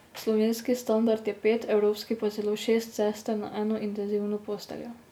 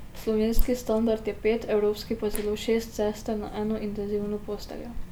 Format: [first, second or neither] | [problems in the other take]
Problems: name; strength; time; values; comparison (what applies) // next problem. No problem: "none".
first | noise reduction (neural mask model Resemble Enhance denoiser)